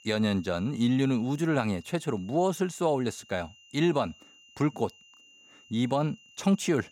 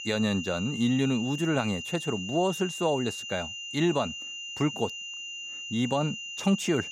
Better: first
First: high-pitched whine; faint; throughout; 3 kHz, 25 dB below the speech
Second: high-pitched whine; loud; throughout; 3 kHz, 7 dB below the speech

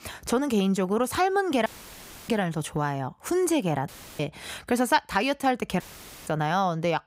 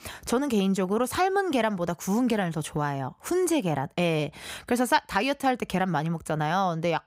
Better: second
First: audio cutting out; filled with static; at 1.5 s for 0.5 s, at 4 s and at 6 s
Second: none

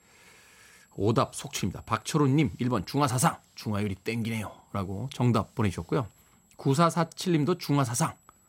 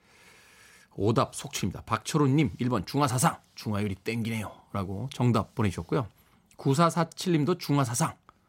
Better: second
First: high-pitched whine; faint; throughout; 7.5 kHz, 35 dB below the speech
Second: none

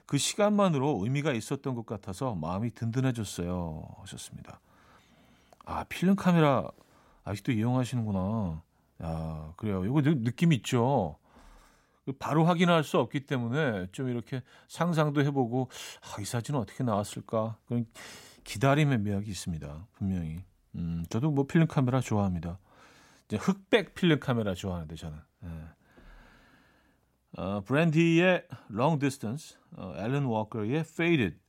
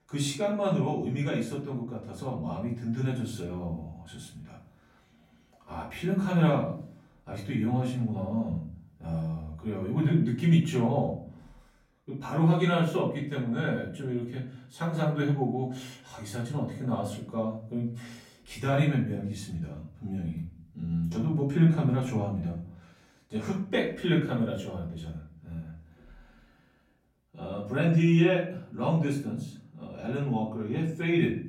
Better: first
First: none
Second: off-mic speech; far // room echo; slight; dies away in 0.5 s

